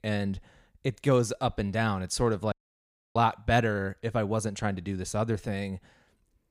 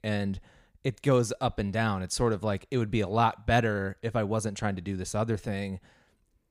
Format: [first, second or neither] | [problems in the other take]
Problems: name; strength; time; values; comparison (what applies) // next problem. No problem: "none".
second | audio cutting out; at 2.5 s for 0.5 s